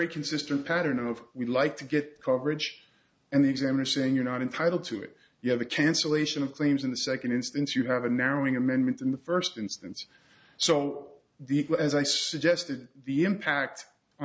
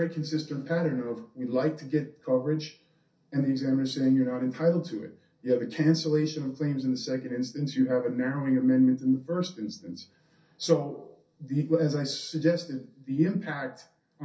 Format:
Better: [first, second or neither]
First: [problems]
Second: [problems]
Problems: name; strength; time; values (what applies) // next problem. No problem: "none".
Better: first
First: none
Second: room echo; dies away in 0.3 s